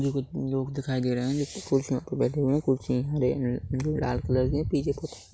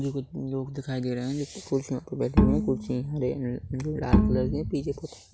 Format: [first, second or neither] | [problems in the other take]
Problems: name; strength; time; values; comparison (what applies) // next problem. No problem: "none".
first | background sound (Bowed string instrument); 3 dB above the speech